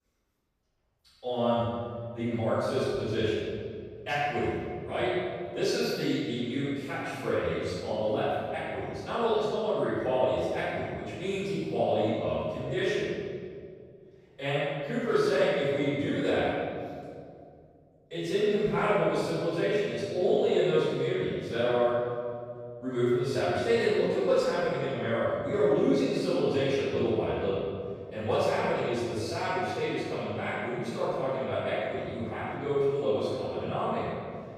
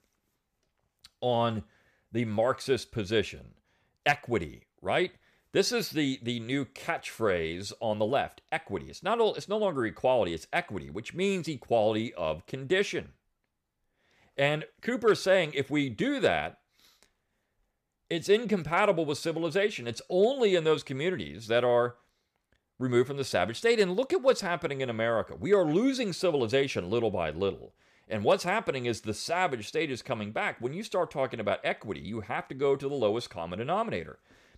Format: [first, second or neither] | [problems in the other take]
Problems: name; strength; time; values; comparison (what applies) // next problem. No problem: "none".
second | off-mic speech; far // room echo; strong; dies away in 2.1 s